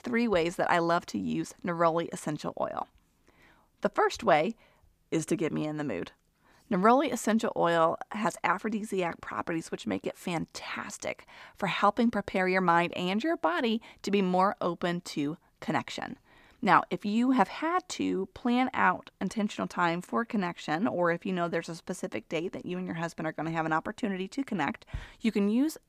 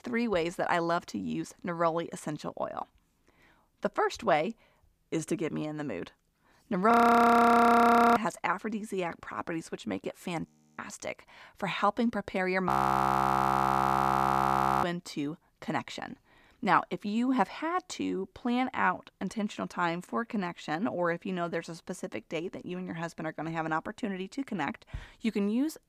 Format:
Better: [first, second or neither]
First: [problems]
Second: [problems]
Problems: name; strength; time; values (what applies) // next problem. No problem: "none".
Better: first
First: none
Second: audio freezing; at 7 s for 1.5 s, at 10 s and at 13 s for 2 s